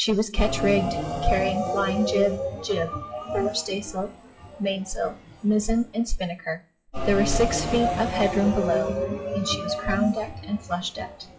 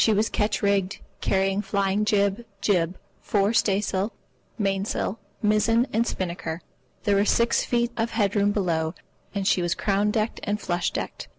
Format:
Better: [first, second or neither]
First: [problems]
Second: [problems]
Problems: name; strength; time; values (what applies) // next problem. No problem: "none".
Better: second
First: noise reduction (classical method WPE with log-MMSE)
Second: none